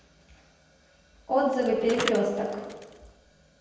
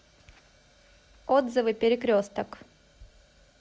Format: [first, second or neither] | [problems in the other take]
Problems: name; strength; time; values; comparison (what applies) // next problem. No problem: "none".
second | background sound (Bicycle); 10 dB below the speech // room echo; dies away in 1.1 s